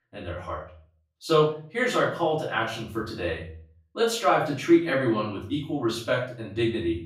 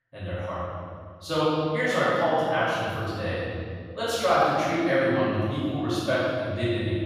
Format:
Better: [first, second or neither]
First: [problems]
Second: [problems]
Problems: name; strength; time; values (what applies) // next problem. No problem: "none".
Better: first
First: room echo; slight; dies away in 0.4 s // off-mic speech; far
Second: room echo; strong; dies away in 2.3 s // off-mic speech; far